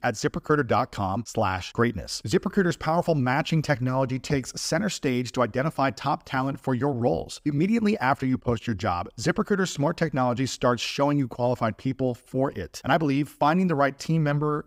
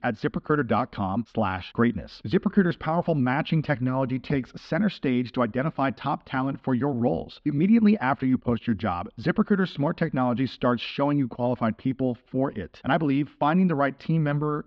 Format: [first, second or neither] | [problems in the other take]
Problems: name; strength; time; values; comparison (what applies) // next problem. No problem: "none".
first | muffled; slightly; fading above 4 kHz